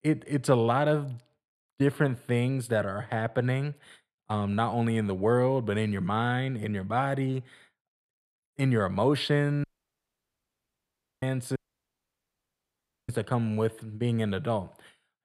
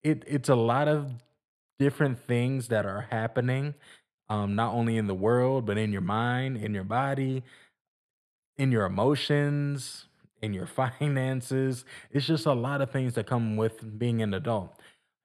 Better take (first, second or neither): second